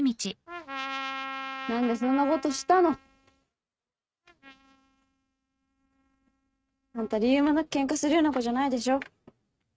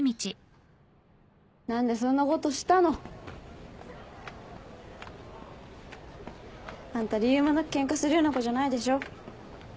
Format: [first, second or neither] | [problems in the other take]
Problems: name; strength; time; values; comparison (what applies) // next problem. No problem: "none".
second | noise reduction (neural mask model RNNoise)